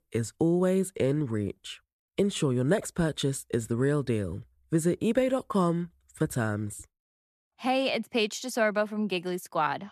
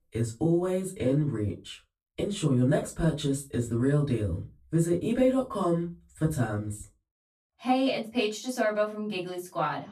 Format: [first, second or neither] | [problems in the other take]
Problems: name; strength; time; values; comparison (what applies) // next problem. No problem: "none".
first | off-mic speech; far // room echo; very slight; dies away in 0.2 s